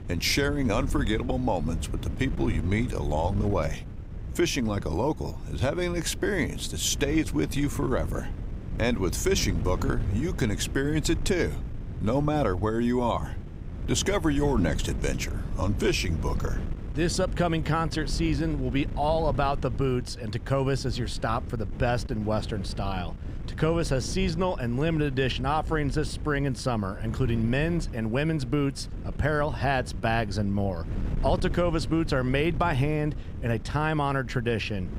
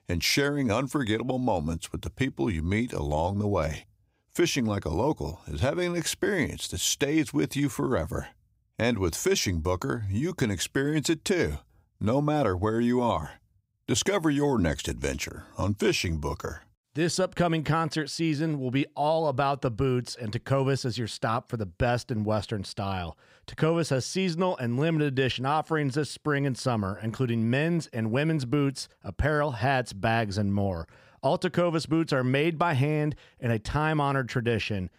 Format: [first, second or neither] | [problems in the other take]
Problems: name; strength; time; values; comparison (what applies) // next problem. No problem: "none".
second | wind noise on the microphone; occasional gusts; 15 dB below the speech